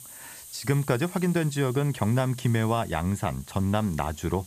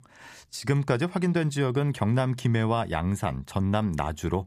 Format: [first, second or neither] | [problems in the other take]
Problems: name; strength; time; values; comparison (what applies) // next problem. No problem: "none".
second | hiss; noticeable; throughout; 15 dB below the speech